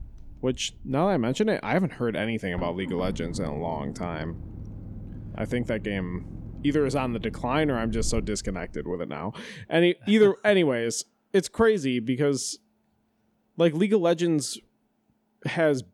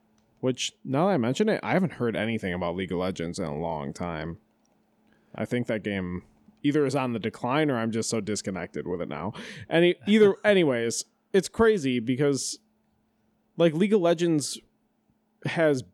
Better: second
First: low rumble; faint; until 9 s; 20 dB below the speech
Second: none

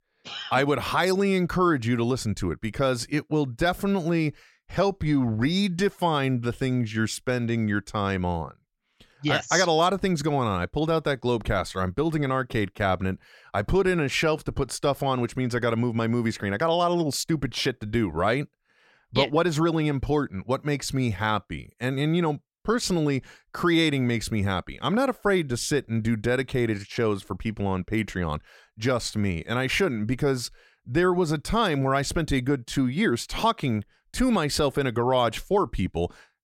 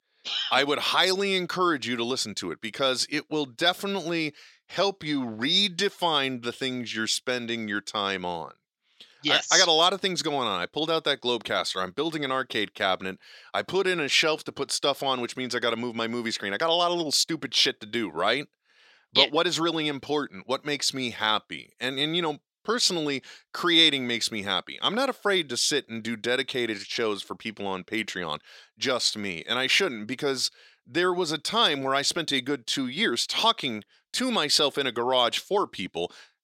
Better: first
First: none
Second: thin; very slightly; fading below 300 Hz

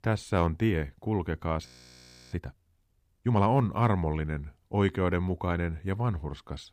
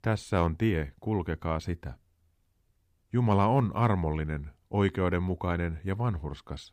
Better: second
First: audio freezing; at 1.5 s for 0.5 s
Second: none

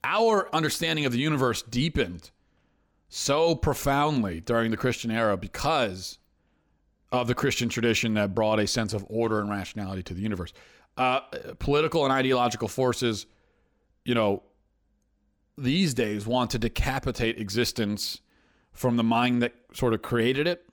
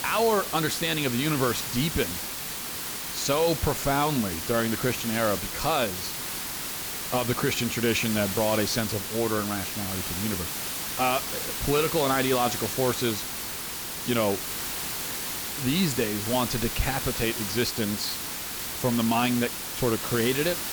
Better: first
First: none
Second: hiss; loud; throughout; 3 dB below the speech

